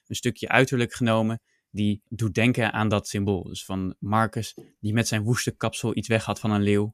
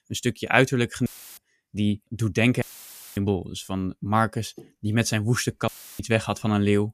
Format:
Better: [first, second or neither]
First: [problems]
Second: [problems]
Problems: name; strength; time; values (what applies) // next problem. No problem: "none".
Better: first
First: none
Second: audio cutting out; filled with static; at 1 s, at 2.5 s for 0.5 s and at 5.5 s